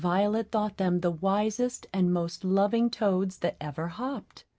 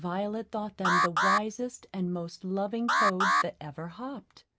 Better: first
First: none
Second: background sound (Alarm); 4 dB above the speech

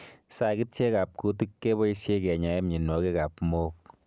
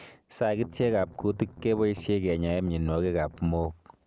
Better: first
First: none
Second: background sound (Strum); 17 dB below the speech

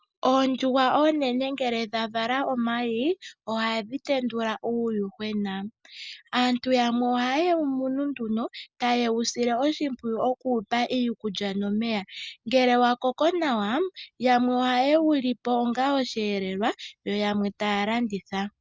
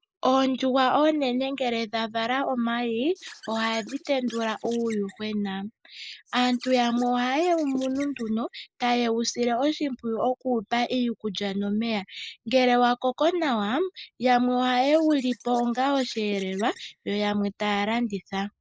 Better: first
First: none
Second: noise reduction (neural mask model Resemble Enhance denoiser)

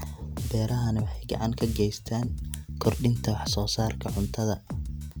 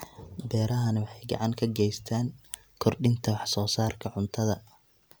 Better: second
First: background sound (Bass guitar); 5 dB below the speech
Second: none

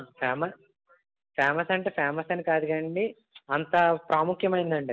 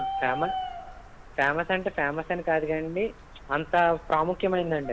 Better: first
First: none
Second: background sound (Bird); 10 dB below the speech

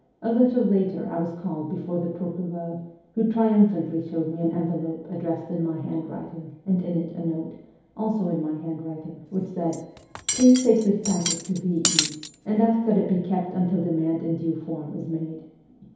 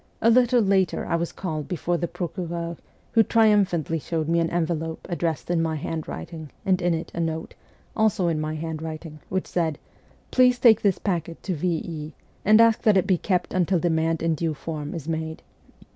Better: second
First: background sound (Cutlery, silverware); 5 dB below the speech // room echo; dies away in 2.2 s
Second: none

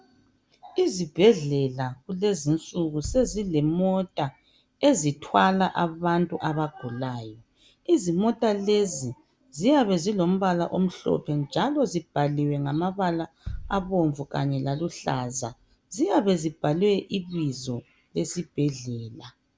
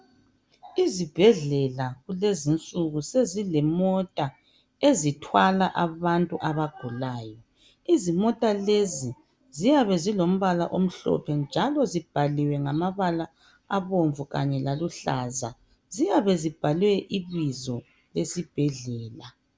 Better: second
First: background sound (Bass drum); 19 dB below the speech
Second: none

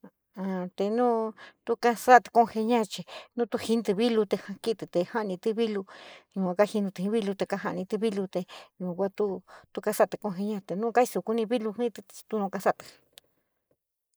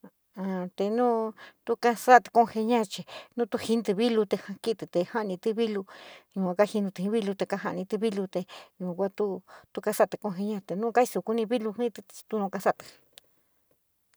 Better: second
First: noise reduction (neural mask model Resemble Enhance denoiser)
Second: none

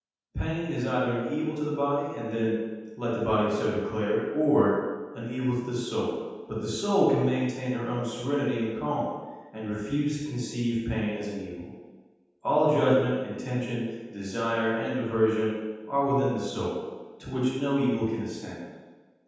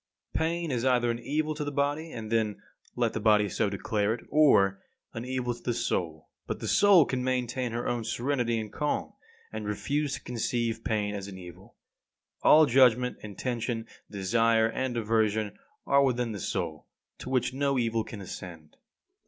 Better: second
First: room echo; dies away in 1.2 s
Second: none

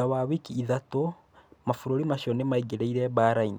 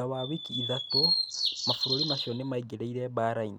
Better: first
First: none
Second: background sound (Bird vocalization, bird call, bird song); 2 dB above the speech

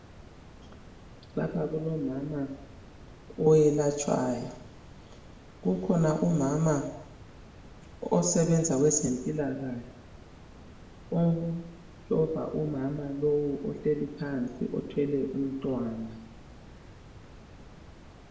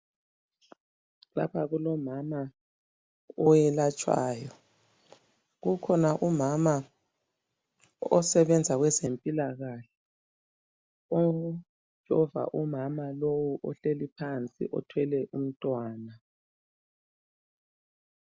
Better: second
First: background sound (Water); 19 dB below the speech // room echo; dies away in 0.7 s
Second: none

